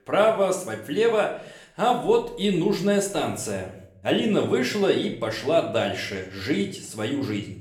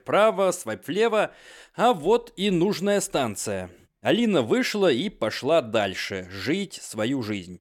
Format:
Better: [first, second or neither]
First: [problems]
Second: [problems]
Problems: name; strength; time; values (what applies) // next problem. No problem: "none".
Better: second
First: room echo; slight; dies away in 0.6 s // off-mic speech; somewhat distant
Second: none